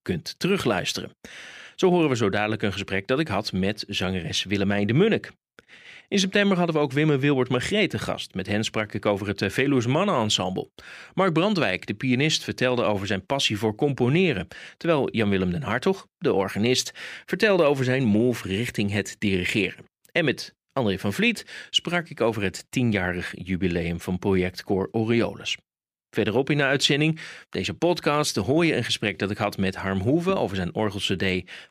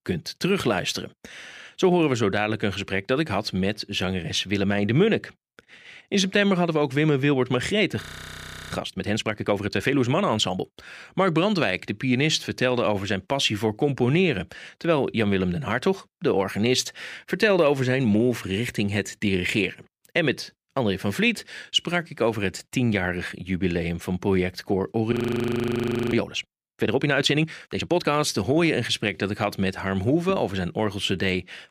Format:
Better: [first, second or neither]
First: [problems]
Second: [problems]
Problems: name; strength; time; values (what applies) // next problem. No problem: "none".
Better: first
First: none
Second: audio freezing; at 8 s for 0.5 s and at 25 s for 1 s